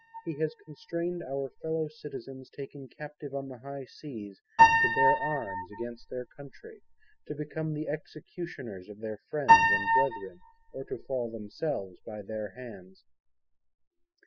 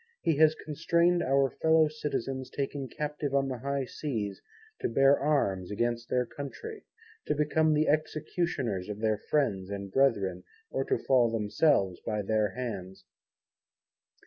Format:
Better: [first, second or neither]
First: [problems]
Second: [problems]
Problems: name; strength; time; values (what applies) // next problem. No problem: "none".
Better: second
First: noise reduction (classical method spectral subtraction)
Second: none